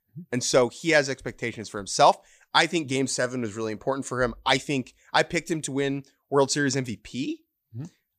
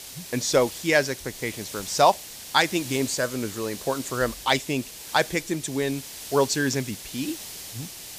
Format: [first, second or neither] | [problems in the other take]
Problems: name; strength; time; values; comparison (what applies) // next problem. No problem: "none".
first | hiss; noticeable; throughout; 10 dB below the speech